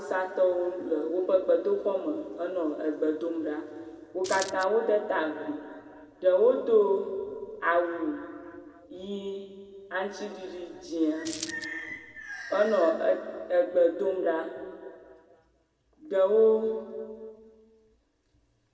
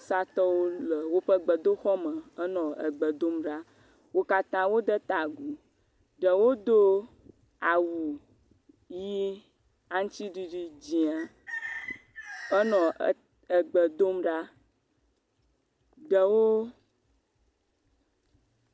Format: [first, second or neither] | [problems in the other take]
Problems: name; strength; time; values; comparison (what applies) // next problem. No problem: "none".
second | background sound (Coin (dropping)); 10 dB below the speech // room echo; dies away in 2 s